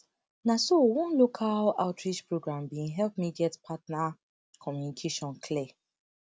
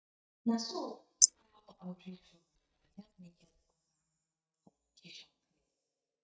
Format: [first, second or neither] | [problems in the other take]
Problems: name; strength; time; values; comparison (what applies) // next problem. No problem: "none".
first | noise reduction (neural mask model DeepFilterNet 3)